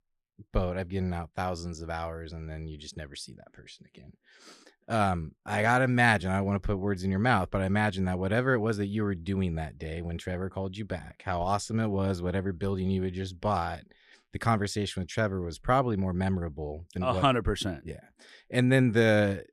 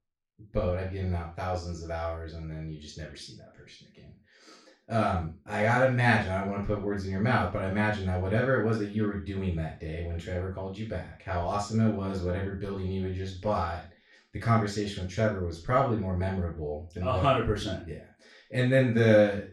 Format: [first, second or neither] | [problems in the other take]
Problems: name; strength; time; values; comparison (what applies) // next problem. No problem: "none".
first | room echo; noticeable; dies away in 0.3 s // off-mic speech; far